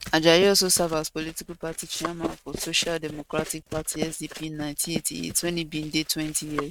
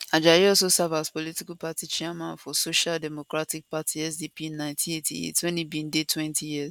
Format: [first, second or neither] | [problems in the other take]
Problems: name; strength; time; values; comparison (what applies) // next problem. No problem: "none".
second | noise reduction (neural mask model RNNoise)